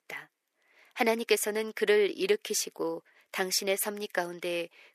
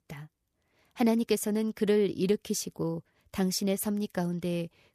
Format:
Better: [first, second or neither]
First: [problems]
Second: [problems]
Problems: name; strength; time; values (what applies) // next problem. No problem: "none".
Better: second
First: thin; very; fading below 350 Hz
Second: none